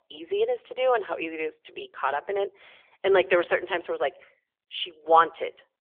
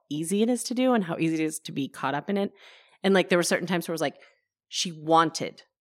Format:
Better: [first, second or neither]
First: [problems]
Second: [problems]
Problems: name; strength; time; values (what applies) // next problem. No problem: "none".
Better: second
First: phone-call audio; nothing above 3.5 kHz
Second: none